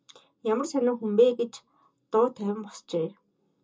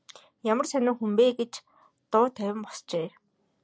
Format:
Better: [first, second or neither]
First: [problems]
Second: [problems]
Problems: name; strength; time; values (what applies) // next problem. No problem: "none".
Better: second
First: room echo; dies away in 0.2 s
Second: none